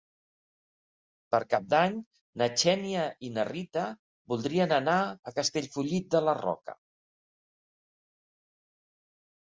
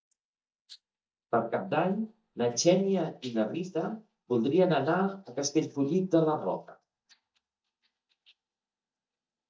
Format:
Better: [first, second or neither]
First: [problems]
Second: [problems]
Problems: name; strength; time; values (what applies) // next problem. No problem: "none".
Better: first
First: none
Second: noise reduction (neural mask model DeepFilterNet 3)